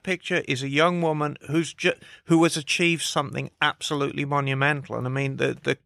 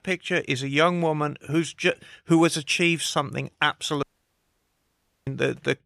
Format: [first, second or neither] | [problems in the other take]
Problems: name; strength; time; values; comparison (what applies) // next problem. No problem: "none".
first | audio cutting out; at 4 s for 1 s